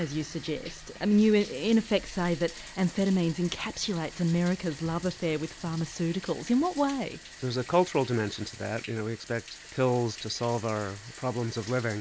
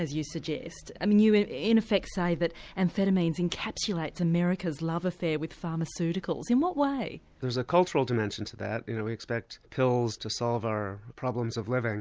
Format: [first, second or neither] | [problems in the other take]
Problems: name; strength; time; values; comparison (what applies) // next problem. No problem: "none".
second | background sound (Bathtub (filling or washing)); 17 dB below the speech